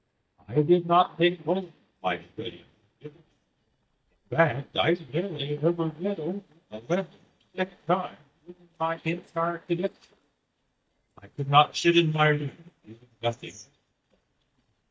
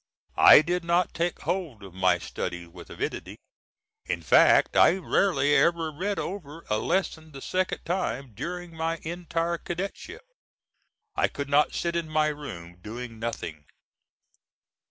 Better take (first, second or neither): second